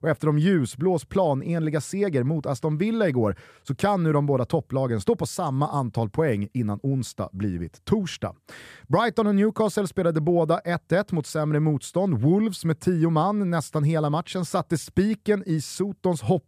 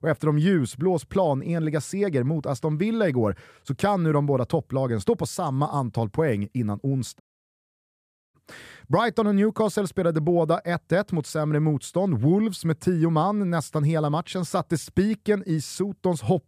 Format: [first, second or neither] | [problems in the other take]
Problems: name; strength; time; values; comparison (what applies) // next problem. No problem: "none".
first | audio cutting out; at 7 s for 1 s